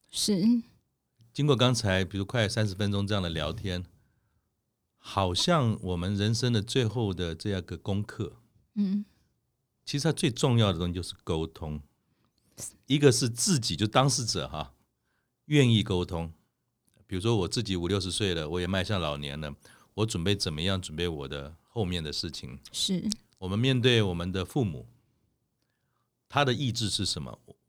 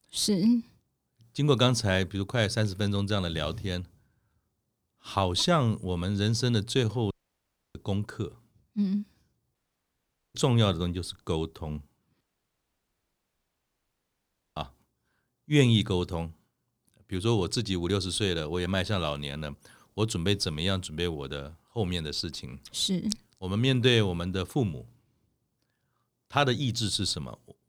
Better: first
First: none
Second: audio cutting out; at 7 s for 0.5 s, at 9.5 s for 1 s and at 12 s for 2.5 s

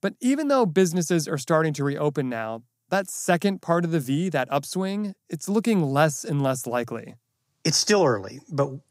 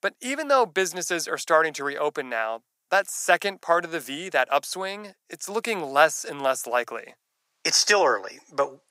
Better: first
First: none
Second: thin; very; fading below 600 Hz

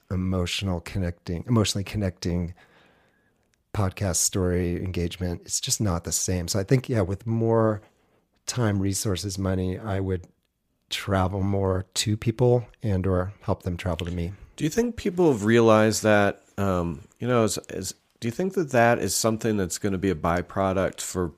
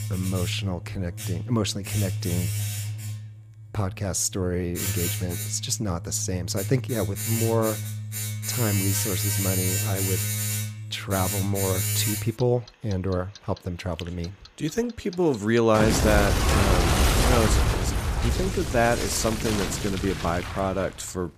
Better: first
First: none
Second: household noises; very loud; throughout; as loud as the speech

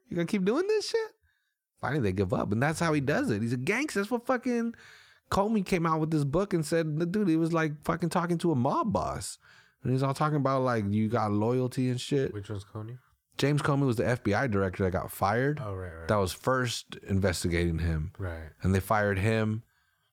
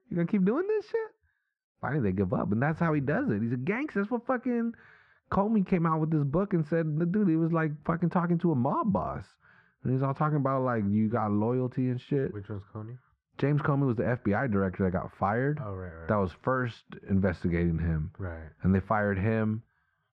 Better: first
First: none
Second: muffled; very; fading above 1.5 kHz

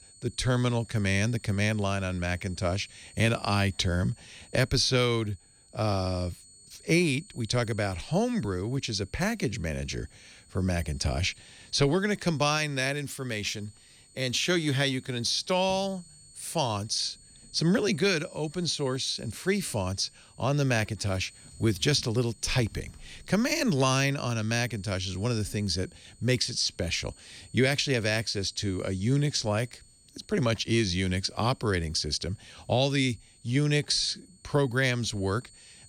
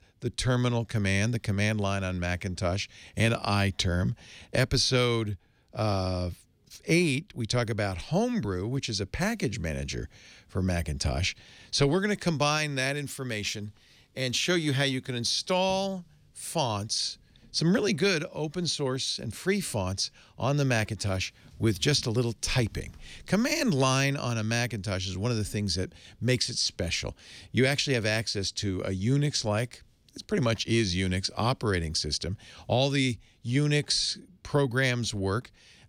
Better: second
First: high-pitched whine; faint; throughout; 8.5 kHz, 25 dB below the speech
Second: none

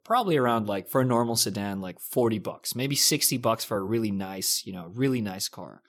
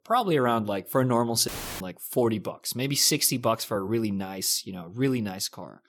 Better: first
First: none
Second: audio cutting out; filled with static; at 1.5 s

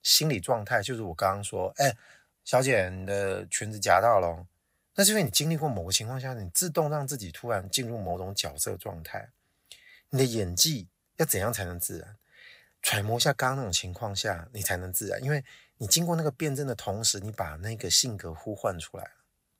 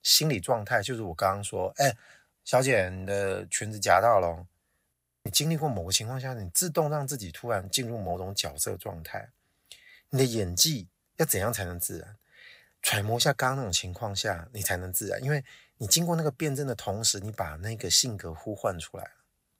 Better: first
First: none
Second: audio freezing; at 5 s

